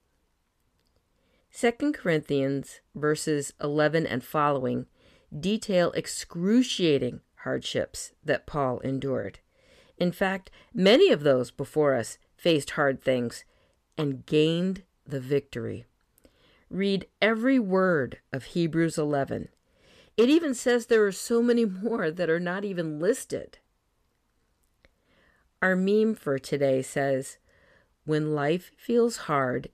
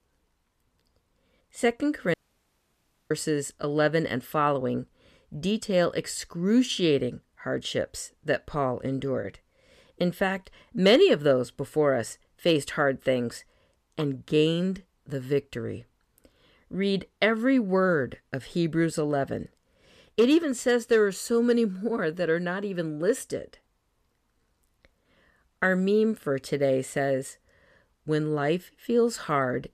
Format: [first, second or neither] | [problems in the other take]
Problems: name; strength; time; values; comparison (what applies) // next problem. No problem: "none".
first | audio cutting out; at 2 s for 1 s